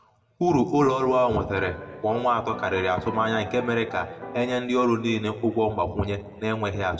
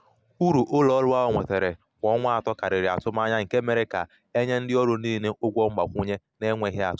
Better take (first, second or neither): second